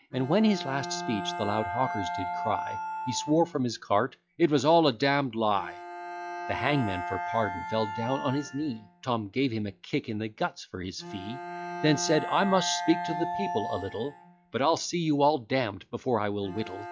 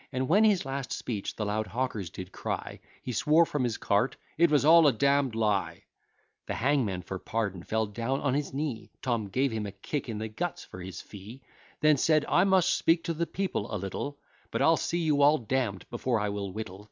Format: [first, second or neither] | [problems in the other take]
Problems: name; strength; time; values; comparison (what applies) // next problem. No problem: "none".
second | noise reduction (classical method log-MMSE)